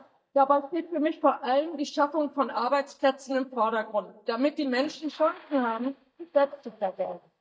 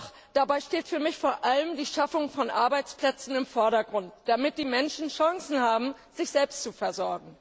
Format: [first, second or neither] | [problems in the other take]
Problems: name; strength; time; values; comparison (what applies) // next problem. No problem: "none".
second | noise reduction (neural mask model DeepFilterNet 3)